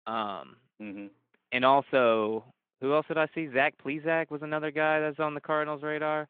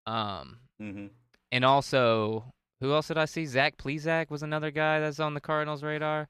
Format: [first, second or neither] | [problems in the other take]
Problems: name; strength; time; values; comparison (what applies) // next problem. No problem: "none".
second | phone-call audio